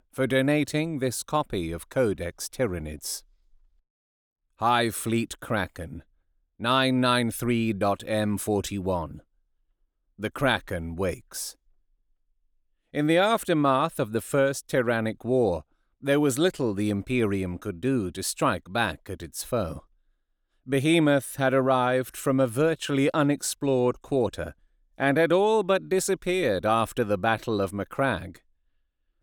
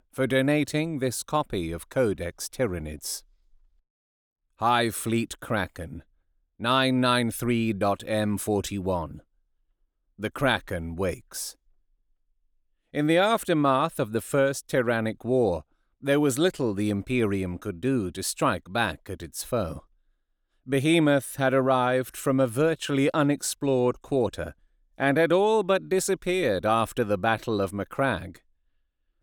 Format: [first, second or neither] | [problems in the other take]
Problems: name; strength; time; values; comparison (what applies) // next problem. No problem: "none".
neither | none